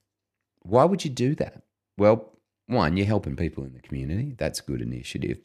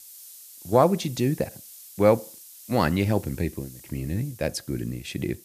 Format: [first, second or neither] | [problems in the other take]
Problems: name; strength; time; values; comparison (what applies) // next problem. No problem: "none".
first | hiss; noticeable; throughout; 20 dB below the speech